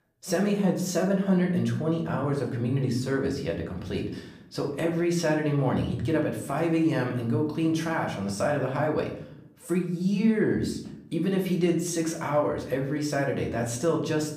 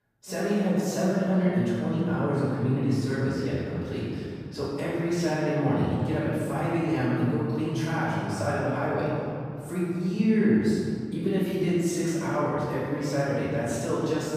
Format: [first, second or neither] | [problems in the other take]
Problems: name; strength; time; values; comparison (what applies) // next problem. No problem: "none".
first | room echo; strong; dies away in 2.9 s; slight in the first // off-mic speech; far; somewhat distant in the first